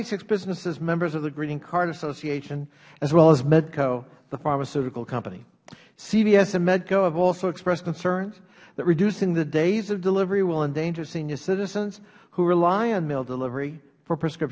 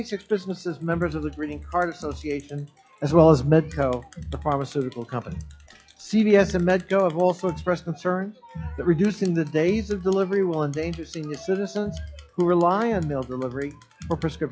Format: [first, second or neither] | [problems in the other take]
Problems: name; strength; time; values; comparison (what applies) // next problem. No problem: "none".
first | noise reduction (classical method log-MMSE)